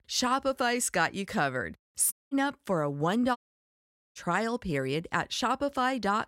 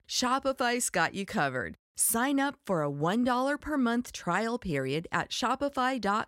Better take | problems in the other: second | audio cutting out; at 2 s and at 3.5 s for 1 s

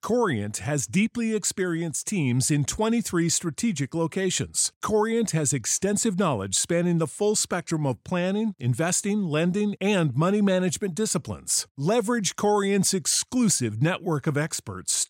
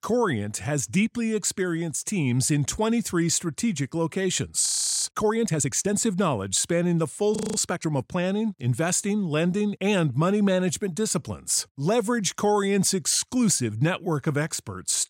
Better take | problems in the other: first | audio freezing; at 4.5 s and at 7.5 s

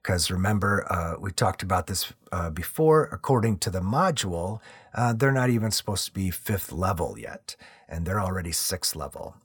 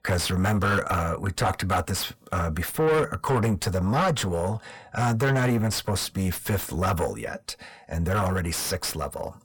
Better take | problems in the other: first | distortion; heavy; 6 dB below the speech

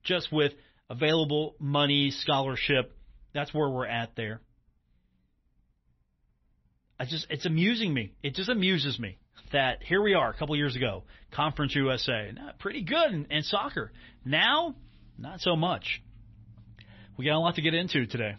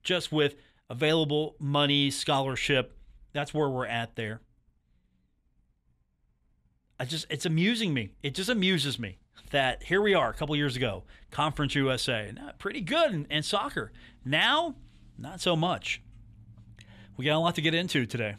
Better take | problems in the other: second | garbled, watery; slightly; nothing above 5.5 kHz

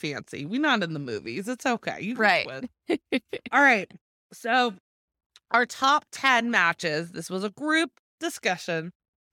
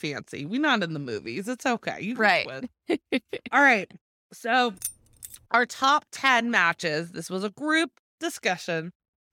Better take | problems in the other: first | jangling keys; noticeable; at 5 s; peak 9 dB below the speech

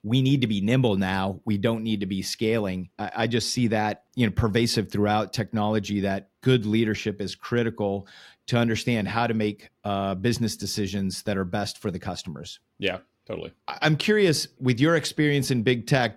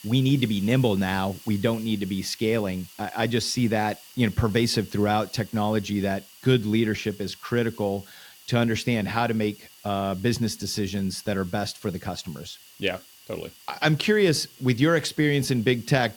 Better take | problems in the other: first | hiss; faint; throughout; 20 dB below the speech

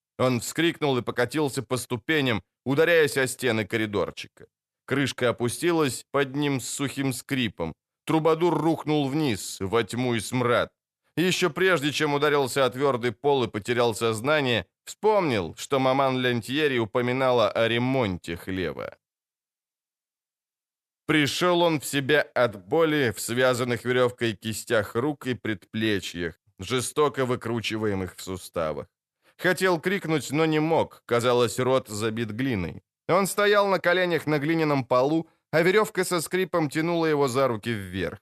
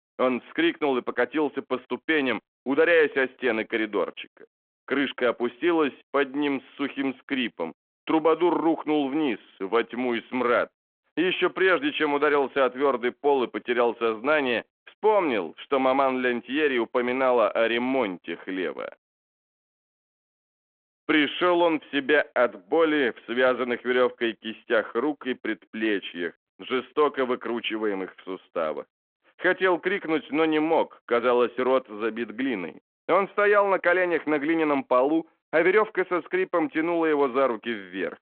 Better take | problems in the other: first | phone-call audio

